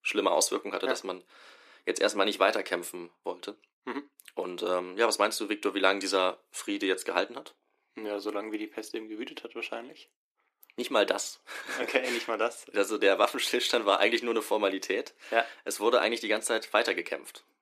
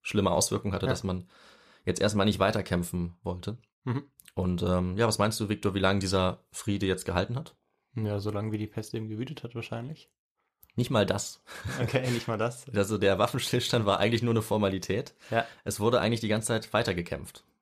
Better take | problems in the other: second | thin; somewhat; fading below 300 Hz

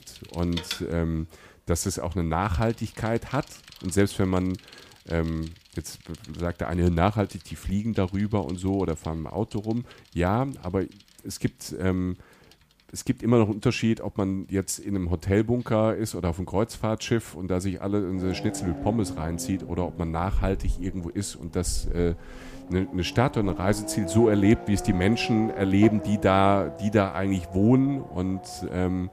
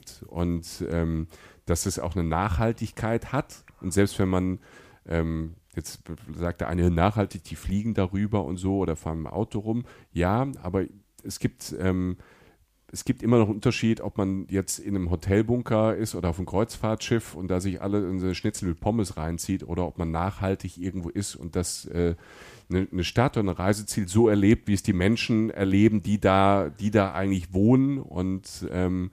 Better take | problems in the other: second | traffic noise; noticeable; throughout; 10 dB below the speech

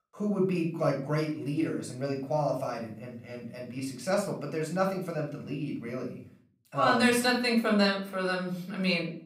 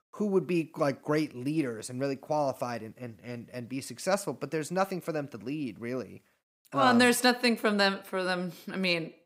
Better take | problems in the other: second | room echo; slight; dies away in 0.5 s // off-mic speech; somewhat distant

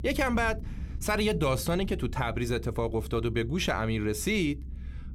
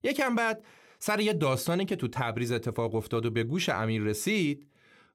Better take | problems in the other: second | low rumble; faint; throughout; 25 dB below the speech

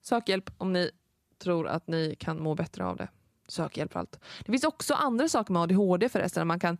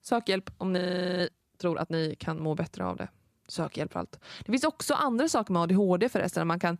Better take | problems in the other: first | audio freezing; at 1 s

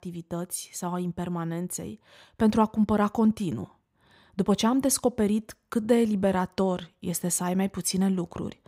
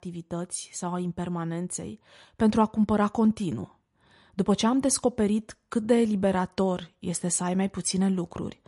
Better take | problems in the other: first | garbled, watery; slightly; nothing above 11 kHz

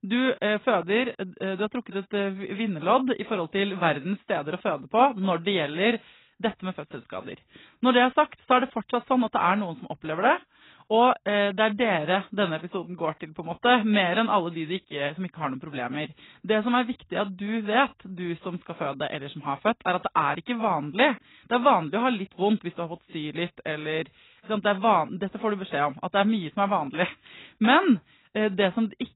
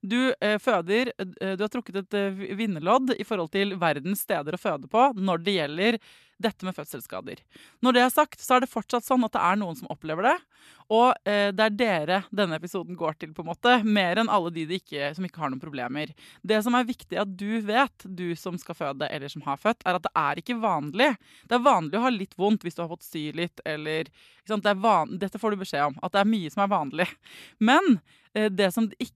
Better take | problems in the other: second | garbled, watery; badly; nothing above 4 kHz

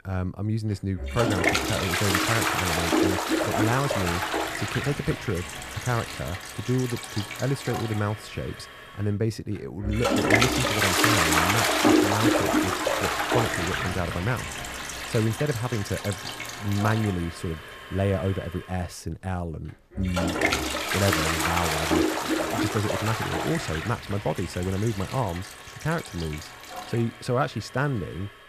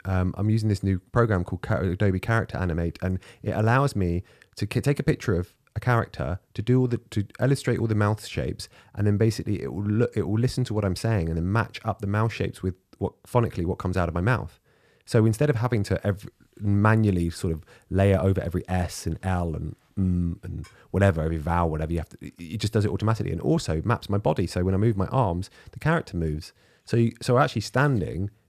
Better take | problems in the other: second | household noises; very loud; throughout; 4 dB above the speech

